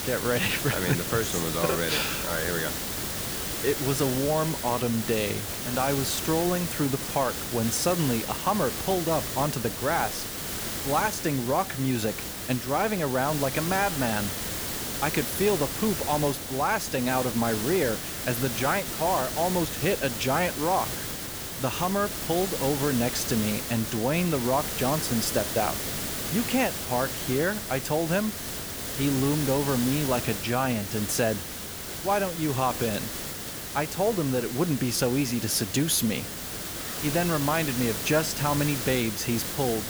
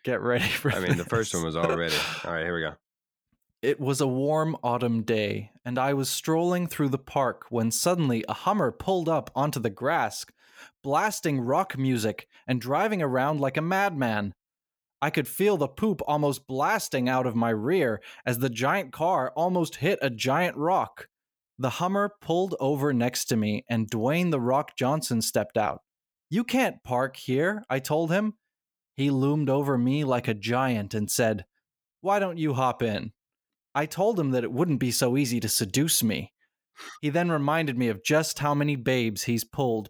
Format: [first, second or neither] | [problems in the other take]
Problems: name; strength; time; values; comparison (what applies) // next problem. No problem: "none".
second | hiss; loud; throughout; 4 dB below the speech